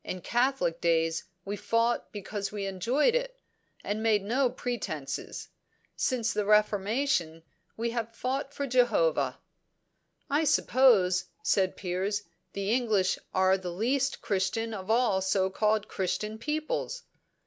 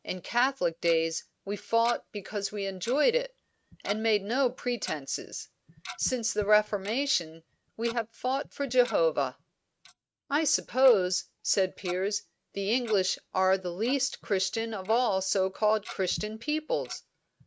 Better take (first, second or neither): first